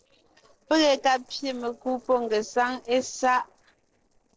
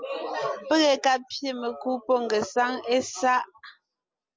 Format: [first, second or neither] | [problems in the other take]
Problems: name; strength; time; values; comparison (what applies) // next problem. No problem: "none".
second | noise reduction (neural separator model SepFormer DNS4)